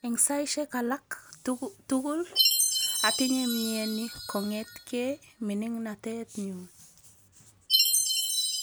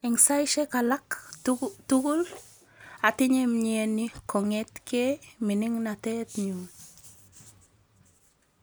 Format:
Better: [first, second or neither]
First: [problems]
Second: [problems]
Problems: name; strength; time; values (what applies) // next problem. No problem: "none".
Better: second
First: background sound (Chime); 1 dB above the speech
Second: none